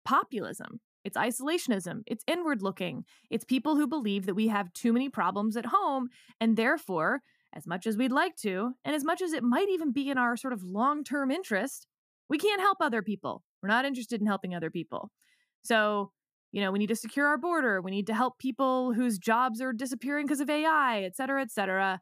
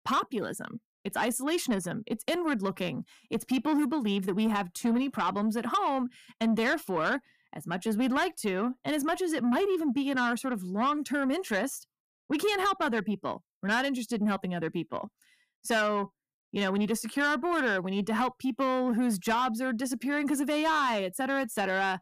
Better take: first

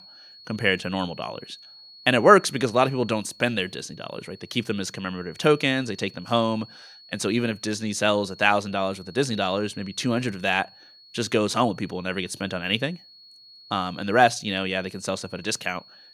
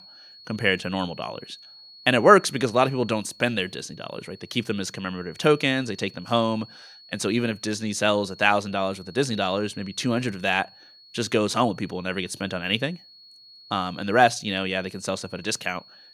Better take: neither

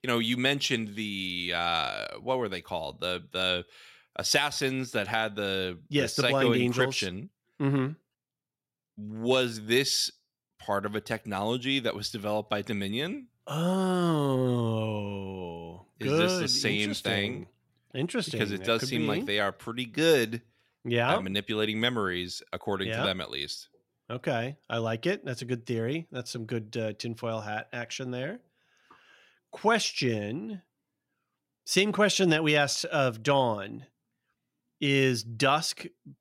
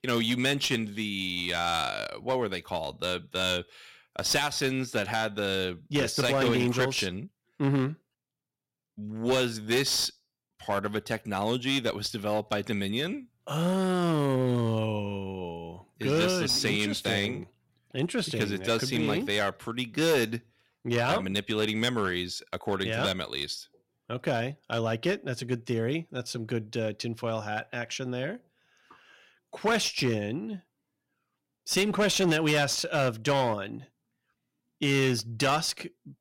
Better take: first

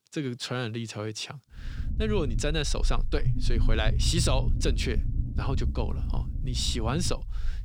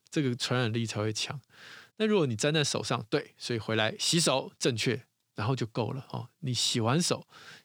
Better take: second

